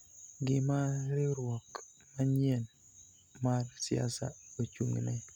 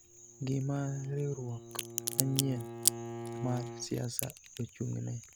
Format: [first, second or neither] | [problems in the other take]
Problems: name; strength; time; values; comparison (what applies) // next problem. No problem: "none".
first | background sound (Bowed string instrument + Crack); 3 dB below the speech